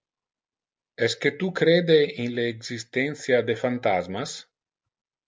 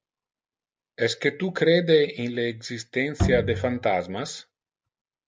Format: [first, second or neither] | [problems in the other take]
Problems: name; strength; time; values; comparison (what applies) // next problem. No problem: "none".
first | background sound (Bowed string instrument); 4 dB below the speech